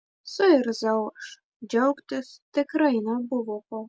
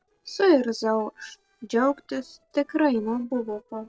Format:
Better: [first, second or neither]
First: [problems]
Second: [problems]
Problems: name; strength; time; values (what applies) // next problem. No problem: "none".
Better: first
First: none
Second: noise reduction (neural separator model SepFormer DNS4)